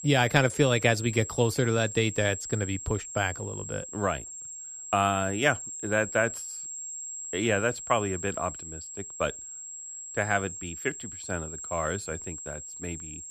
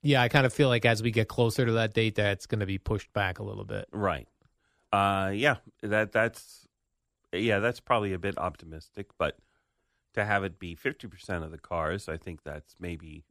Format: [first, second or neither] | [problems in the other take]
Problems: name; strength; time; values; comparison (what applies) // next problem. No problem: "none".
second | high-pitched whine; loud; throughout; 7.5 kHz, 9 dB below the speech